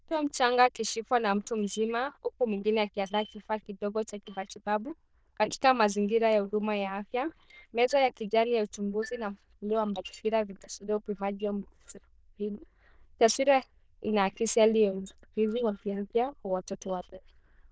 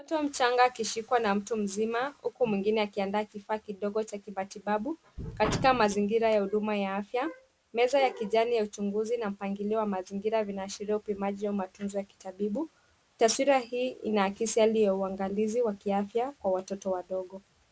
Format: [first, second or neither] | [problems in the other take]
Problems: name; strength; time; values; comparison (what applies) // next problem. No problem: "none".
second | noise reduction (neural diffusion model UNIVERSE++)